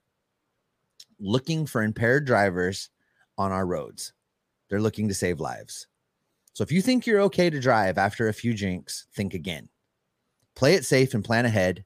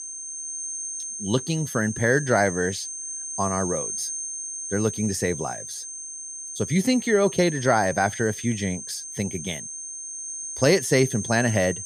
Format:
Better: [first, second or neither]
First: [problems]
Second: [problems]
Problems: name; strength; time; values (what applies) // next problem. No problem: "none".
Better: first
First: none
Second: high-pitched whine; loud; throughout; 6.5 kHz, 7 dB below the speech